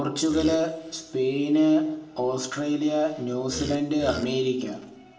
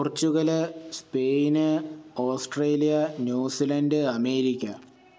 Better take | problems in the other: second | background sound (Burping, eructation); 10 dB below the speech // room echo; dies away in 1.3 s

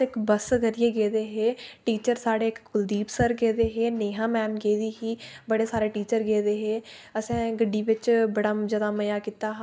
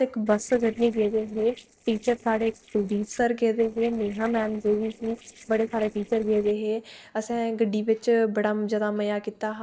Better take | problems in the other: first | noise reduction (neural separator model SepFormer DNS4)

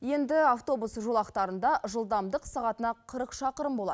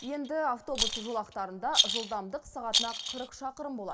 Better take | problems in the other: first | background sound (Rattle); 1 dB above the speech // room echo; dies away in 1.1 s

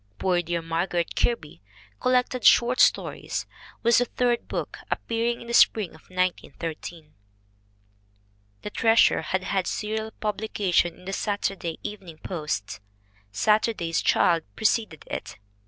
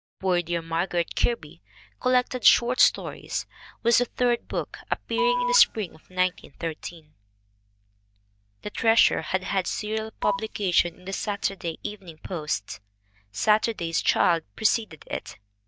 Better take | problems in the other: first | noise reduction (neural mask model DeepFilterNet 3)

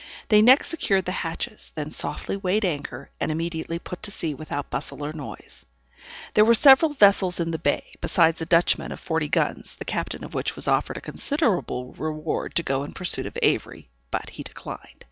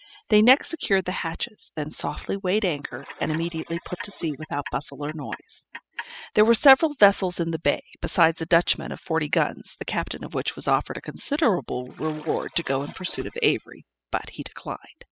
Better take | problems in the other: first | noise reduction (classical method spectral subtraction)

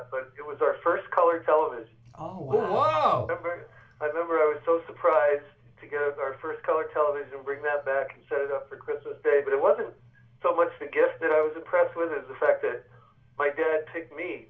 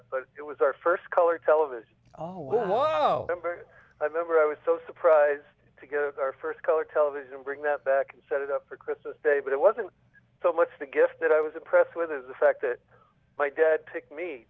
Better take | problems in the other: second | room echo; dies away in 0.2 s

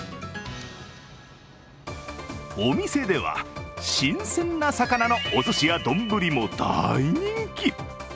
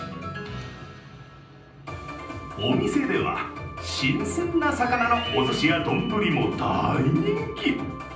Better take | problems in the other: first | room echo; dies away in 0.6 s

